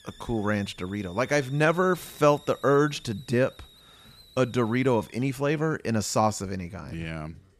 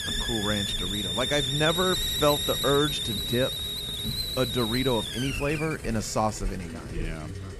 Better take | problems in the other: first | hiss; loud; throughout; as loud as the speech; faint in the first

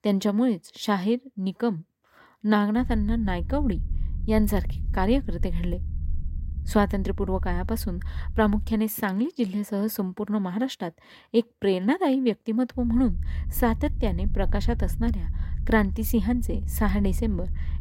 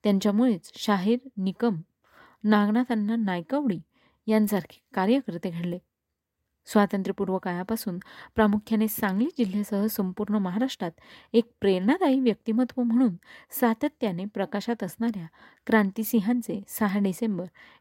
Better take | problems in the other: second | low rumble; faint; from 3 to 8.5 s and from 13 s on; 20 dB below the speech

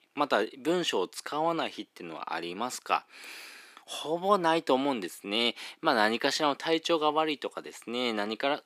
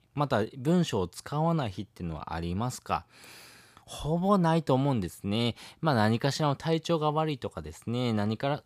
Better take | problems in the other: second | thin; somewhat; fading below 300 Hz

